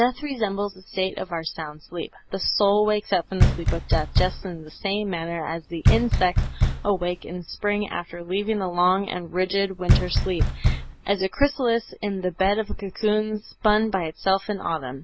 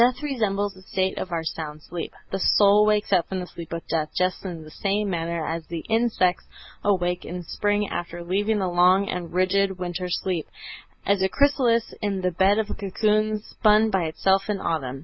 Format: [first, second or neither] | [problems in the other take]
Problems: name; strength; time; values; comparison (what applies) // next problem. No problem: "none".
second | background sound (Knock); 3 dB above the speech